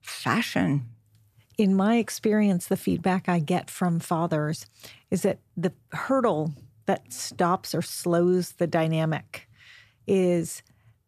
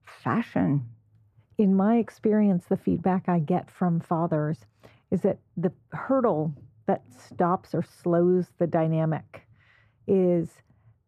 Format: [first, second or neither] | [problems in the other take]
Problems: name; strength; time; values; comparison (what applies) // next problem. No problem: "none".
first | muffled; very; fading above 2.5 kHz